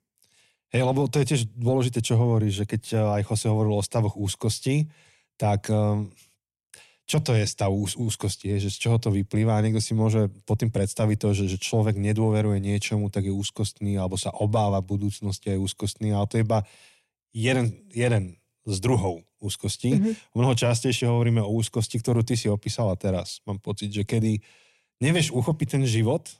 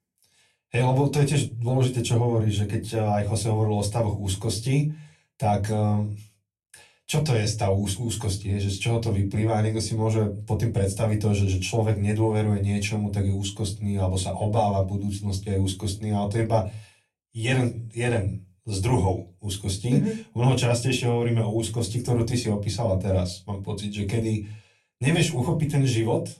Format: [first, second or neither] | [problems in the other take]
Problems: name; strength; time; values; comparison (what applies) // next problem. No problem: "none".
first | off-mic speech; somewhat distant // room echo; very slight; dies away in 0.2 s